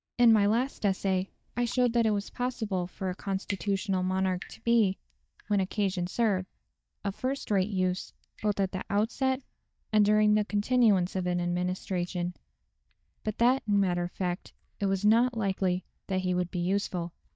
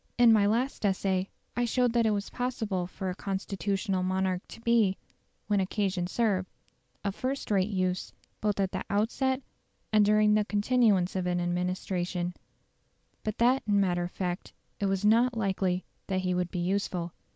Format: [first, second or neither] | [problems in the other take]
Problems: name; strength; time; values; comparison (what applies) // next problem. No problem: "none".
second | noise reduction (neural mask model DeepFilterNet 3)